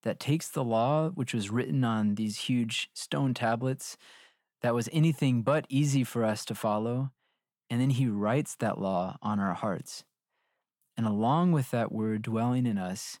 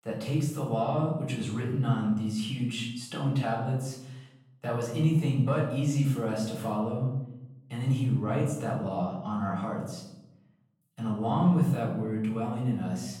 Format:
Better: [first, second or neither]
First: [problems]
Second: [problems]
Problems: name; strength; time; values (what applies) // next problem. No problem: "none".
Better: first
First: none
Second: off-mic speech; far // room echo; noticeable; dies away in 0.8 s